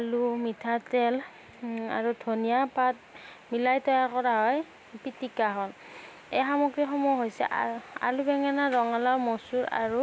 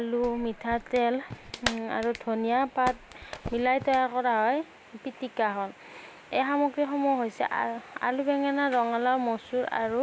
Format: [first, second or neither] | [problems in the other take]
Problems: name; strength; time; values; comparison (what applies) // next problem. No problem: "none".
first | background sound (Clapping); 12 dB below the speech